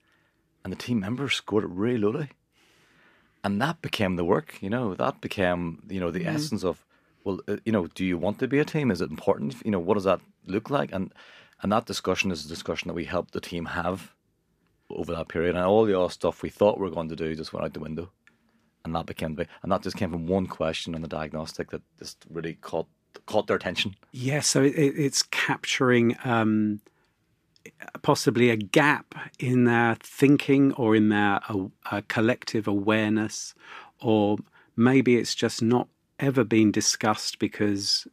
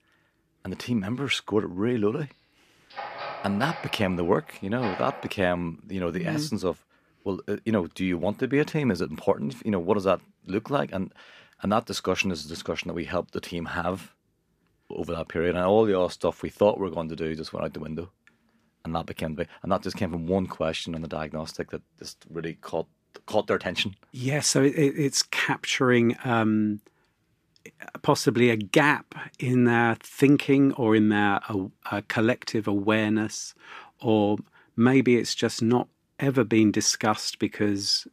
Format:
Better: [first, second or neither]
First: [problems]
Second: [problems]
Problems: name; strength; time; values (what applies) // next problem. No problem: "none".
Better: first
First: none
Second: door banging; noticeable; from 3 to 5.5 s; peak 9 dB below the speech